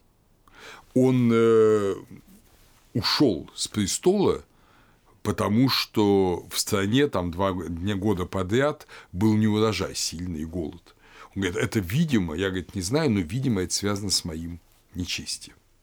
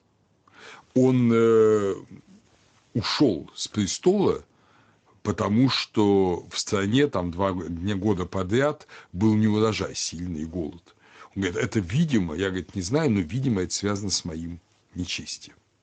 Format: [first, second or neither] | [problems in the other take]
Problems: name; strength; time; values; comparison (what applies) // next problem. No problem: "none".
first | garbled, watery; slightly; nothing above 7.5 kHz